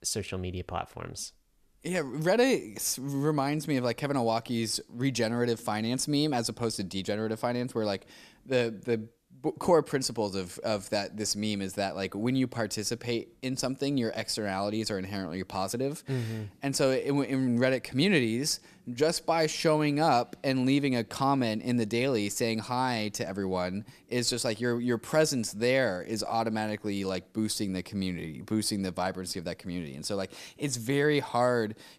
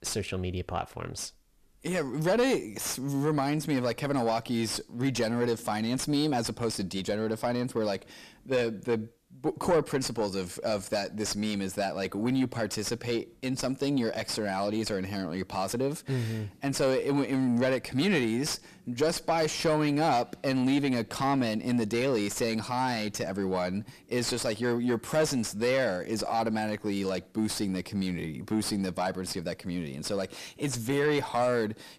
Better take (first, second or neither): first